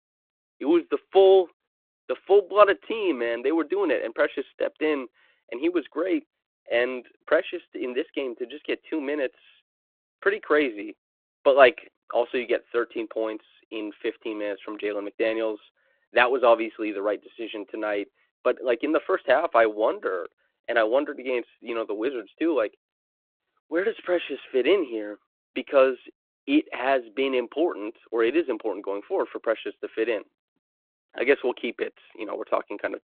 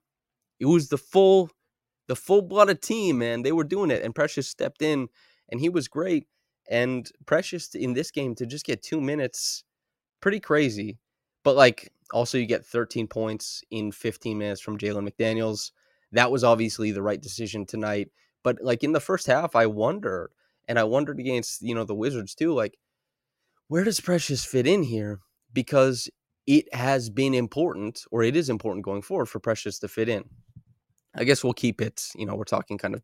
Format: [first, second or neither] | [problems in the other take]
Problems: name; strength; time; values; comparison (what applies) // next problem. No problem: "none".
second | phone-call audio